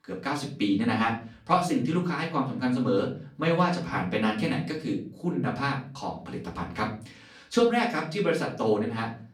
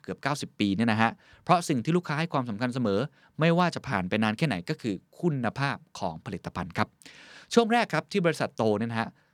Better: second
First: off-mic speech; far // room echo; slight; dies away in 0.4 s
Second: none

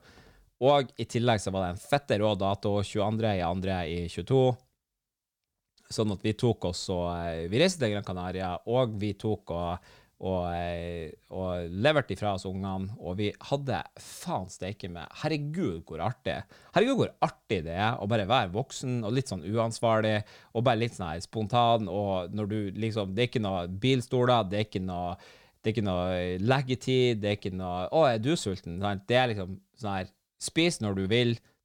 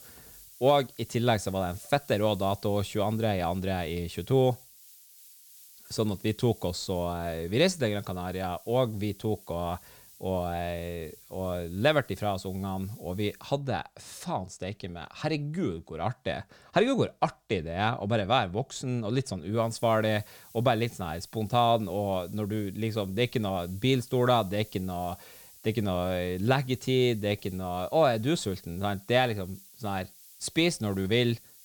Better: first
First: none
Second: hiss; faint; until 13 s and from 20 s on; 20 dB below the speech

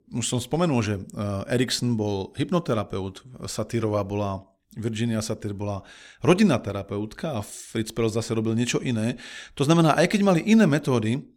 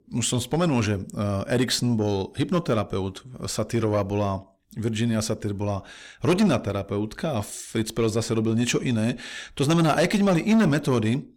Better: first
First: none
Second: distortion; slight; 10 dB below the speech

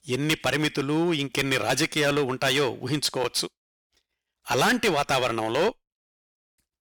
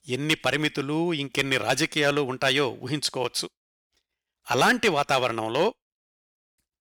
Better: second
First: distortion; slight; 8% of the sound clipped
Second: none

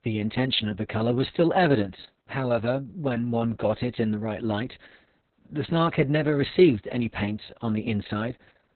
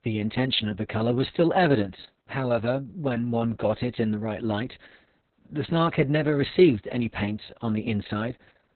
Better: neither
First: garbled, watery; badly; nothing above 4 kHz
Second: garbled, watery; badly; nothing above 4 kHz

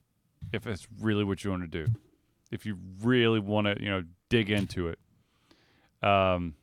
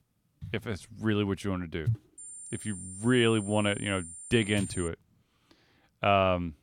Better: first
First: none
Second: high-pitched whine; noticeable; from 2 to 5 s; 9 kHz, 10 dB below the speech

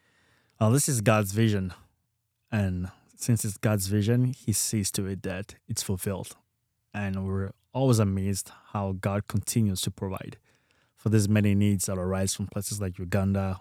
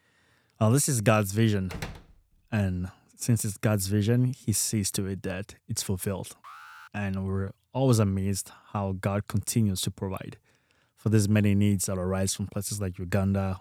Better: first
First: none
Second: door banging; faint; at 1.5 s; peak 10 dB below the speech // alarm; faint; at 6.5 s; peak 20 dB below the speech

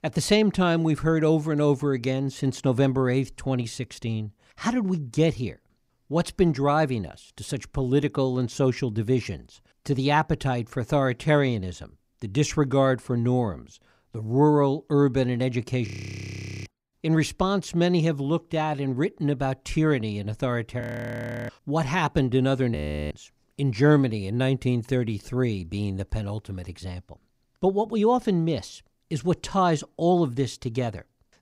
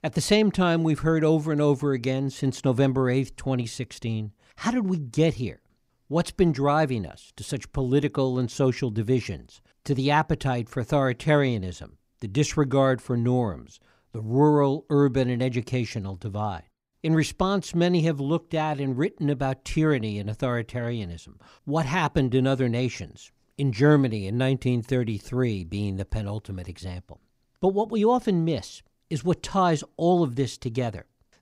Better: second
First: audio freezing; at 16 s for 1 s, at 21 s for 0.5 s and at 23 s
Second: none

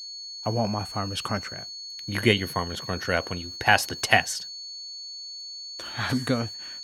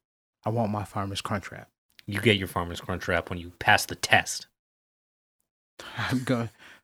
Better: second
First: high-pitched whine; loud; throughout; 4.5 kHz, 9 dB below the speech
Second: none

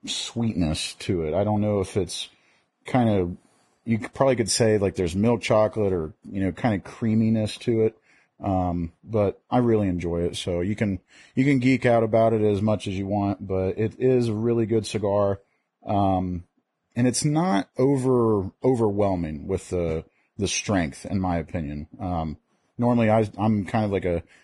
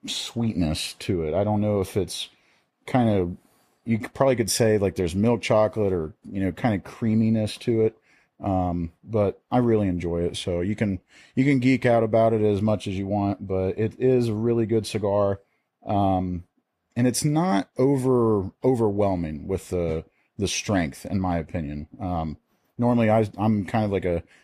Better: second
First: garbled, watery; badly; nothing above 10.5 kHz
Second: garbled, watery; slightly; nothing above 14.5 kHz

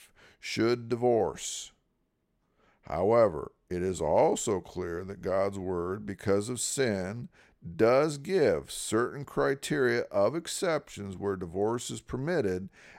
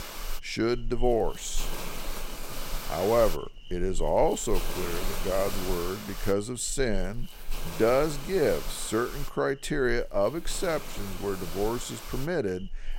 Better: first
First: none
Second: hiss; loud; throughout; 10 dB below the speech

